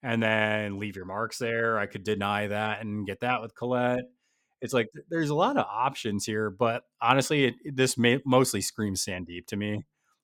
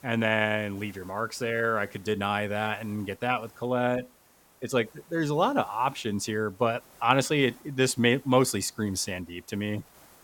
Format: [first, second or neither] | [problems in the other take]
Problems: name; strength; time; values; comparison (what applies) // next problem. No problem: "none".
first | hiss; faint; throughout; 25 dB below the speech